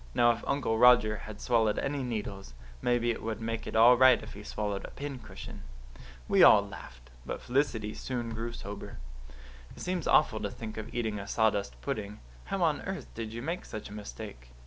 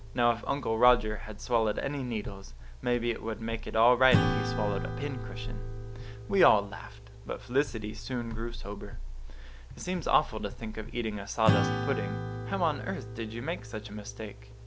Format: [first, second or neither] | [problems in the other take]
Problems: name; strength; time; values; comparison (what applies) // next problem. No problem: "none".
first | background sound (Acoustic guitar / Strum); 6 dB below the speech